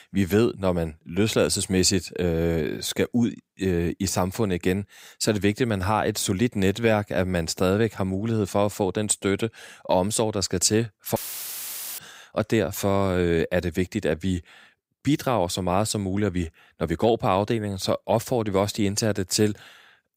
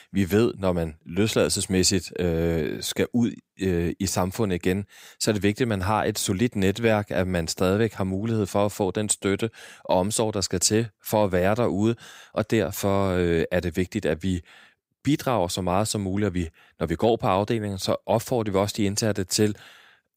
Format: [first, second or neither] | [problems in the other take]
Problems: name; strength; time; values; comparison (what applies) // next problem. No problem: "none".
second | audio cutting out; filled with static; at 11 s for 1 s